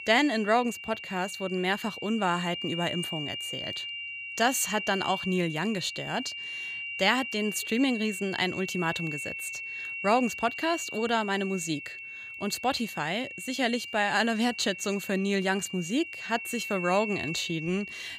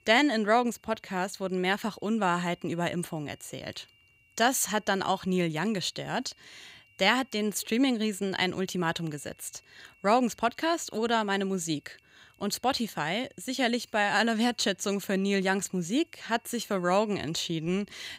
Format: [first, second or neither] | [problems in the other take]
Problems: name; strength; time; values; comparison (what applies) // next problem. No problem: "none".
second | high-pitched whine; loud; throughout; 3 kHz, 7 dB below the speech; faint in the second